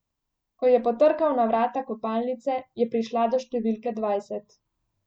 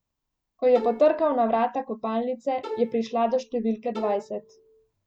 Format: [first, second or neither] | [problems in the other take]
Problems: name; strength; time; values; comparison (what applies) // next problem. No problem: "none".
first | background sound (Bowed string instrument); 13 dB below the speech